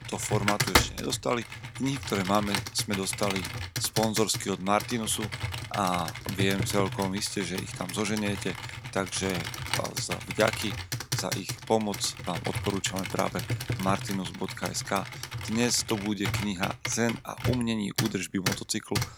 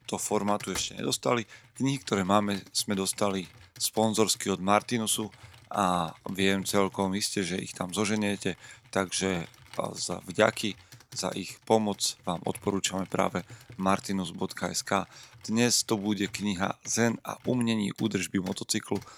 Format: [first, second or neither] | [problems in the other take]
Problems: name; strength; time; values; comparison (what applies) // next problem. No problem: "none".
second | household noises; loud; throughout; 3 dB below the speech; faint in the second